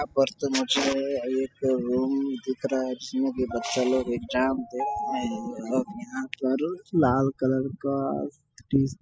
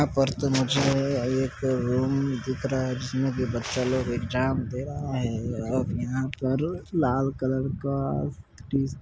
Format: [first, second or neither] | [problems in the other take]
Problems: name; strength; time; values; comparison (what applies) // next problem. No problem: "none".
second | noise reduction (classical method spectral subtraction)